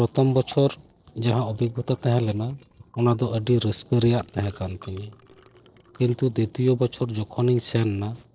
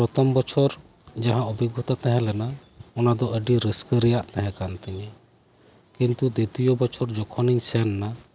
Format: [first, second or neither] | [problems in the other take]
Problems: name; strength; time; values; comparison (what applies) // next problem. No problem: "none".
second | noise reduction (neural separator model SepFormer DNS4)